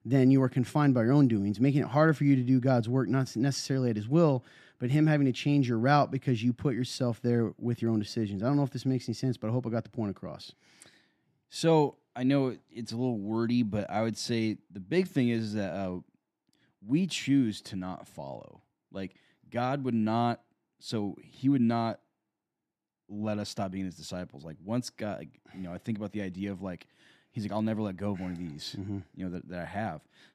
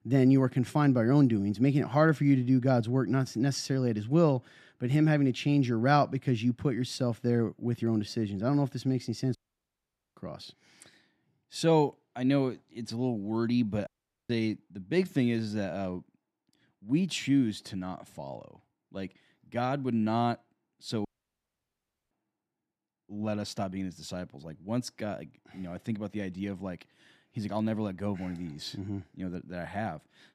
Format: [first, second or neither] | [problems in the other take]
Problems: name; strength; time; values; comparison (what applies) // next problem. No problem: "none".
first | audio cutting out; at 9.5 s for 1 s, at 14 s and at 21 s for 1 s